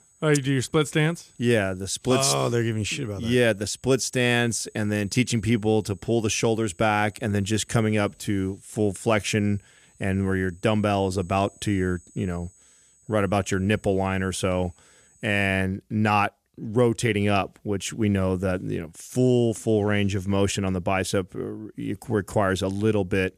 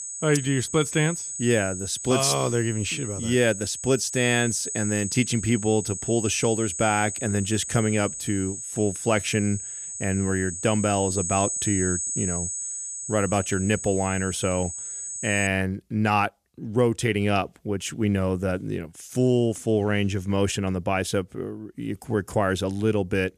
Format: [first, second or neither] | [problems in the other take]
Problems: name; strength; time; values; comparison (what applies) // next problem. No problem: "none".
first | high-pitched whine; loud; until 15 s; 8 kHz, 5 dB below the speech; faint in the first